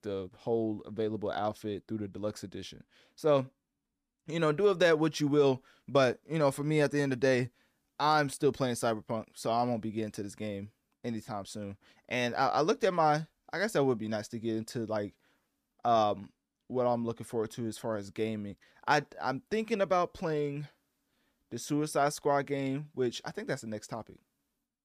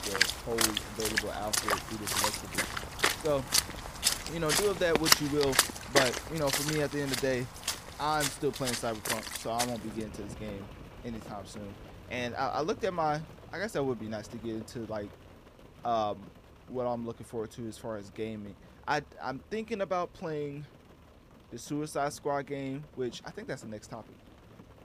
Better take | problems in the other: first | rain or running water; very loud; throughout; 4 dB above the speech

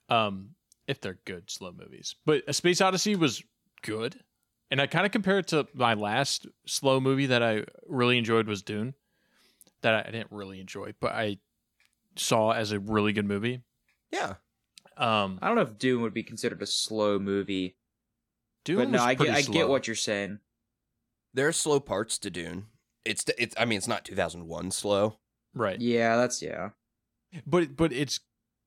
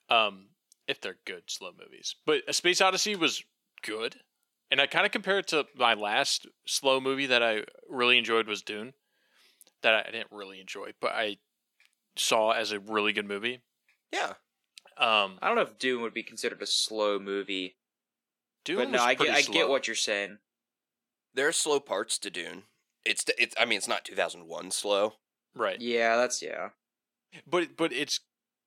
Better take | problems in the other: first | thin; somewhat; fading below 400 Hz

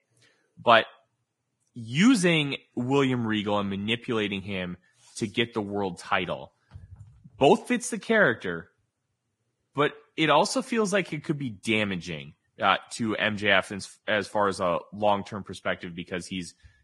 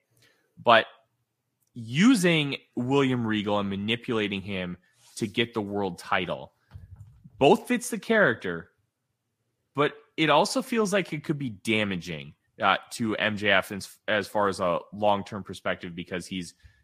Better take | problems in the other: second | garbled, watery; badly; nothing above 10.5 kHz; slightly in the second

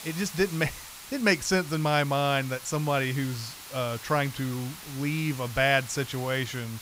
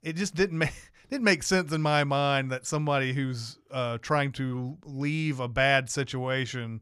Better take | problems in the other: second | hiss; noticeable; throughout; 15 dB below the speech

